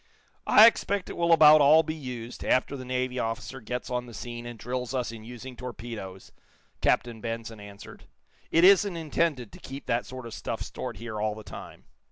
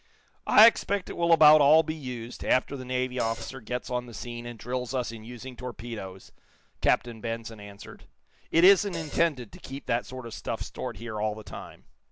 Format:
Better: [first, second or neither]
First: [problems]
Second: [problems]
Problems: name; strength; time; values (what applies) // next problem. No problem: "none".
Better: first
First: none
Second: background sound (Hi-hat); 15 dB below the speech